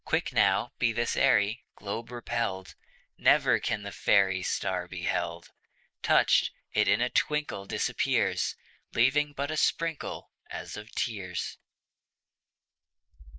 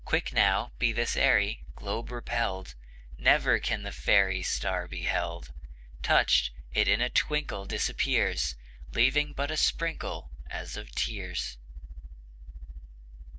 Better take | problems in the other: second | noise reduction (neural mask model Resemble Enhance denoiser)

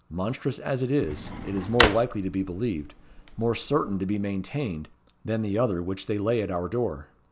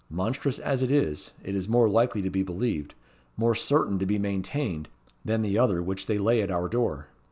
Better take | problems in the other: second | background sound (Drawer open or close); 3 dB below the speech

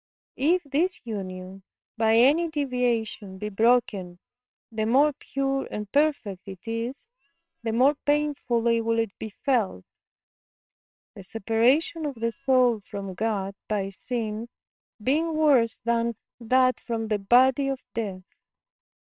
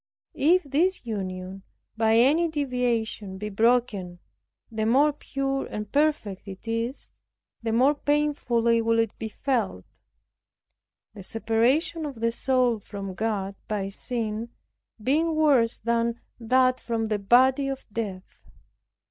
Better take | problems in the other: second | noise reduction (neural separator model SepFormer WHAMR!)

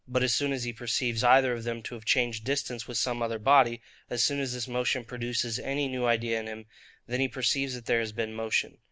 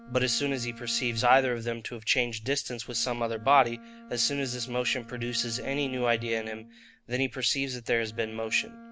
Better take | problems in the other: first | background sound (Bowed string instrument); 18 dB below the speech

